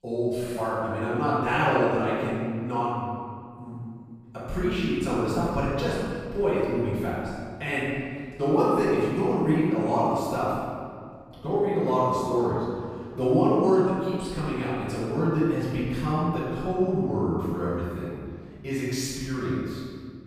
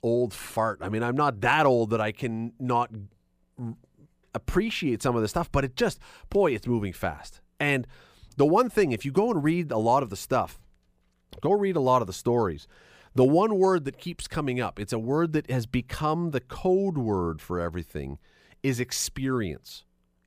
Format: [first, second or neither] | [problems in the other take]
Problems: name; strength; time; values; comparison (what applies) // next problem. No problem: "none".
second | room echo; strong; dies away in 1.9 s // off-mic speech; far